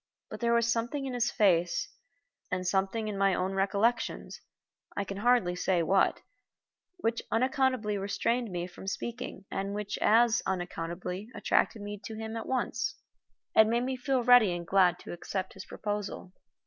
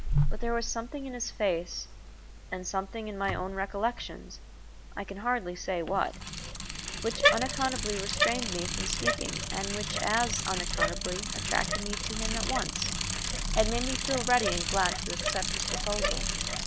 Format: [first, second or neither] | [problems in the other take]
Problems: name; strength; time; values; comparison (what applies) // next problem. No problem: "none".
first | background sound (Bicycle); 2 dB above the speech